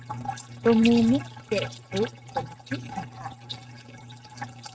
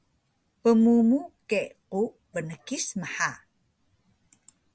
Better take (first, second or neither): second